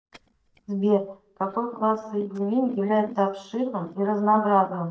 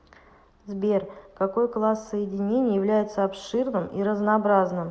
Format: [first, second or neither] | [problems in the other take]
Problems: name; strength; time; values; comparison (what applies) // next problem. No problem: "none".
second | noise reduction (neural mask model DeepFilterNet 3)